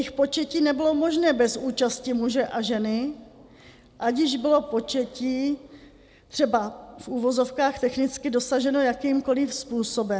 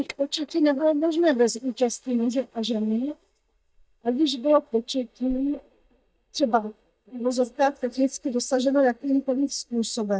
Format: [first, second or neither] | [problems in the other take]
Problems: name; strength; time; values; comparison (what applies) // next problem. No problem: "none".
first | noise reduction (neural mask model DeepFilterNet 3)